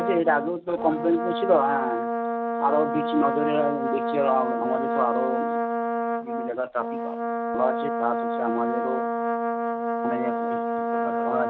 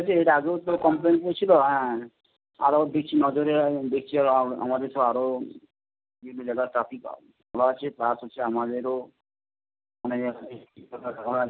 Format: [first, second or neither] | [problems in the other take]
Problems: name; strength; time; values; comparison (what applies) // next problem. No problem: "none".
second | background sound (Brass instrument); as loud as the speech